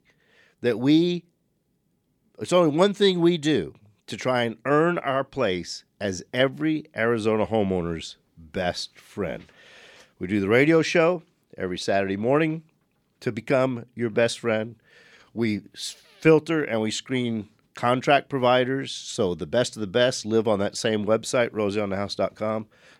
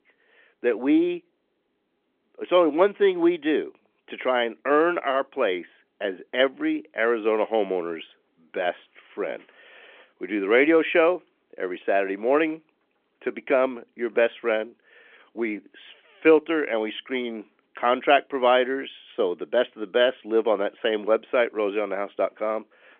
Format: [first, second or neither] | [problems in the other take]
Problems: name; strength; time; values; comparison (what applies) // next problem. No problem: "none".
first | phone-call audio; nothing above 3.5 kHz